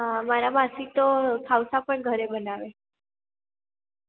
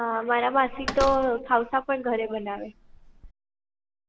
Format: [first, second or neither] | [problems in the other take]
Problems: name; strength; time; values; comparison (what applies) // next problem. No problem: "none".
first | background sound (Slam); 11 dB below the speech